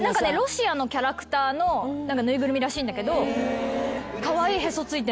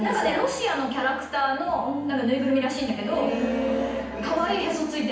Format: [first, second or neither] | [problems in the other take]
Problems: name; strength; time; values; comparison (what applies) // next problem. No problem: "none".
first | room echo; dies away in 0.9 s